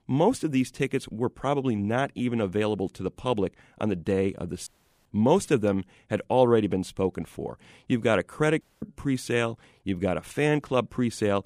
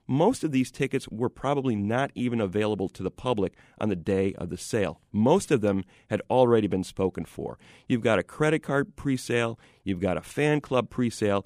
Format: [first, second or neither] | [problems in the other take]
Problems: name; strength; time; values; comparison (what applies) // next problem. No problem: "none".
second | audio cutting out; at 4.5 s and at 8.5 s